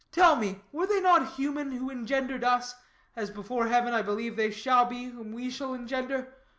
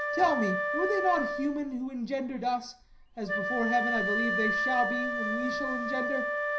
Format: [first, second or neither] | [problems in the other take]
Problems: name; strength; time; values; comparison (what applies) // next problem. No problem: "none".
first | background sound (Wind instrument, woodwind instrument); as loud as the speech // room echo; dies away in 0.4 s